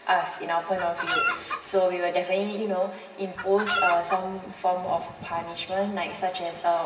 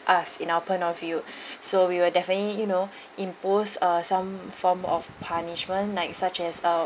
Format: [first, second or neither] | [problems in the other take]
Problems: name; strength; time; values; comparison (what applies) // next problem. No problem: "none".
second | background sound (Chicken, rooster); 3 dB below the speech // room echo; dies away in 1.1 s